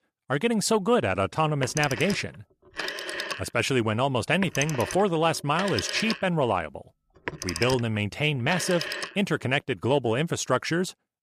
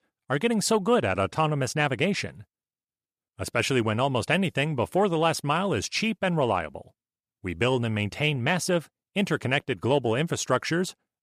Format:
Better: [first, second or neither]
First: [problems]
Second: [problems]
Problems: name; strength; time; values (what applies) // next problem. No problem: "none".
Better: second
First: phone ringing; noticeable; from 1.5 to 9 s; peak 5 dB below the speech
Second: none